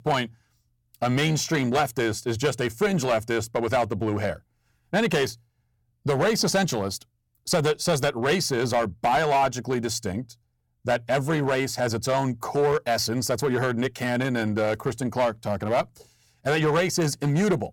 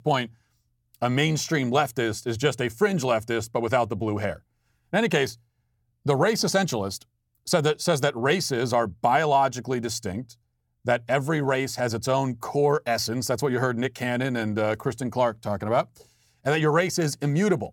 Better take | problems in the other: second | distortion; slight; 6% of the sound clipped

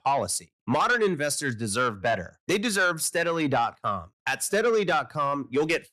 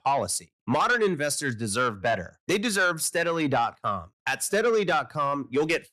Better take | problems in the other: neither | distortion; slight; 10 dB below the speech; the same in both

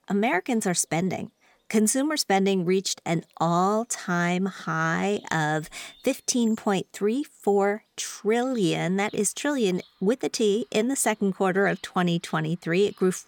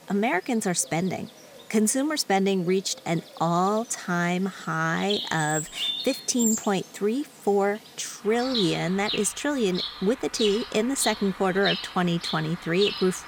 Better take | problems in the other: first | animal sounds; loud; throughout; 5 dB below the speech; faint in the first

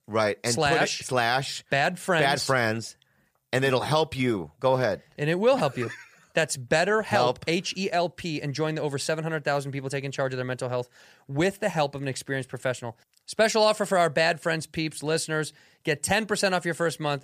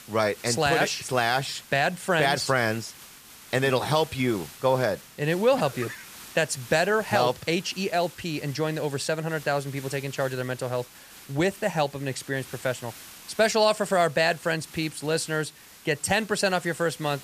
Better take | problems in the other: first | hiss; noticeable; throughout; 20 dB below the speech

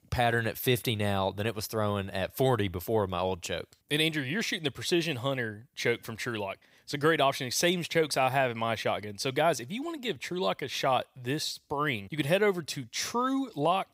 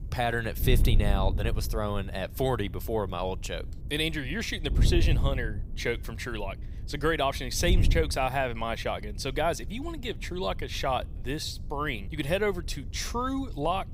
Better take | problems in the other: first | wind noise on the microphone; occasional gusts; 20 dB below the speech

